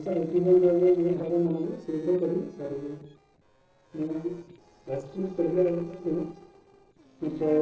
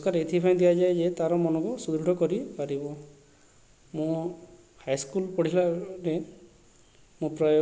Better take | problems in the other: second | noise reduction (neural separator model SepFormer DNS4)

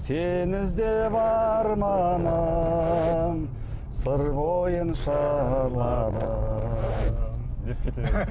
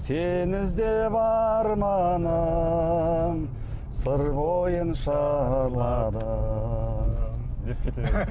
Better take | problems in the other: second | background sound (Zipper (clothing)); 13 dB below the speech

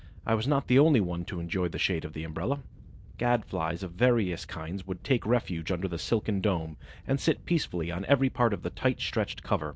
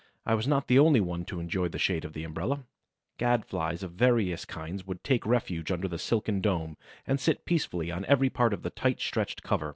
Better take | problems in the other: second | background sound (Wind / Boat, Water vehicle); 18 dB below the speech

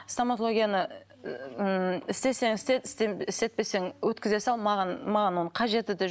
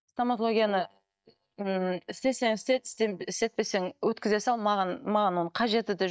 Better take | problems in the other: first | noise reduction (neural mask model DeepFilterNet 3)

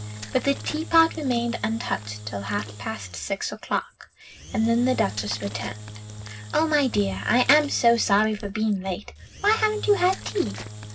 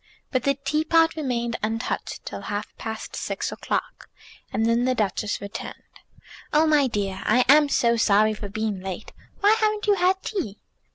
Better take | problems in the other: second | background sound (Engine / Drill); 13 dB below the speech // room echo; dies away in 0.4 s

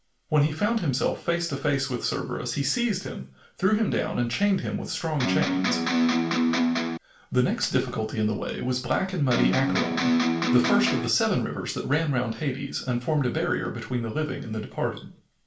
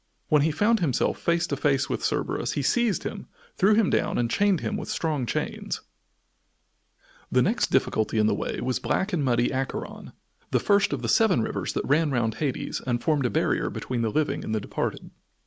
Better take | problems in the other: second | background sound (Electric guitar); 3 dB above the speech // room echo; dies away in 0.3 s

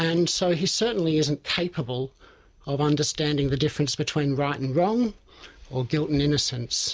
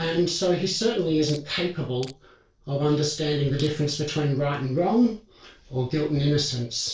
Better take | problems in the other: first | noise reduction (neural separator model SepFormer DNS4)

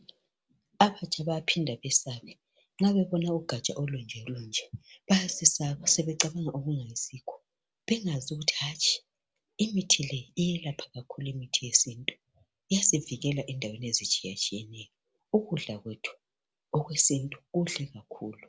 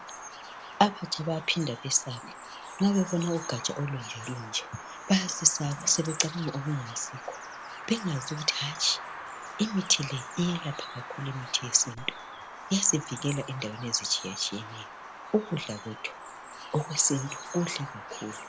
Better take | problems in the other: first | background sound (Bird vocalization, bird call, bird song); 11 dB below the speech

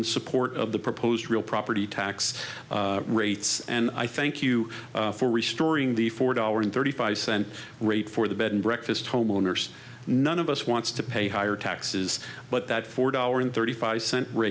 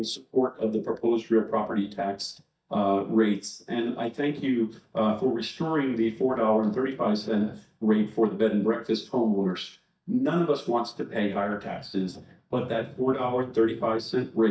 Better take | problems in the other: first | noise reduction (neural mask model DeepFilterNet 3)

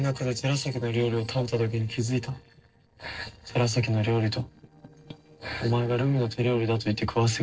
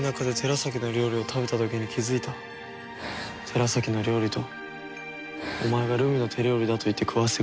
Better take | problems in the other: second | noise reduction (neural separator model SepFormer DNS4)

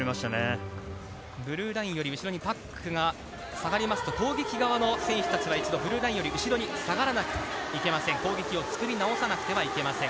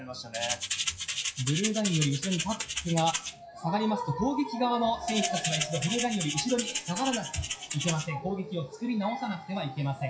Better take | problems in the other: first | noise reduction (classical method WPE with log-MMSE)

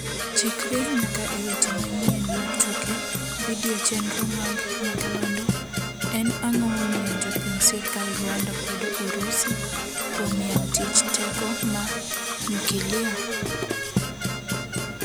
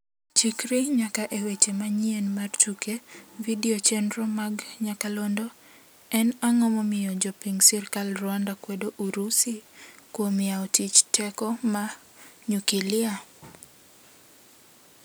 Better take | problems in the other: second | background sound (Brass instrument / Percussion); as loud as the speech

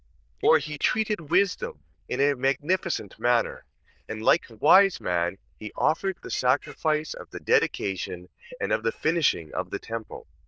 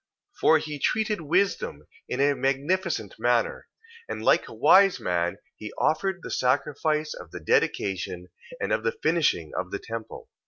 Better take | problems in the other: second | noise reduction (neural diffusion model UNIVERSE++)

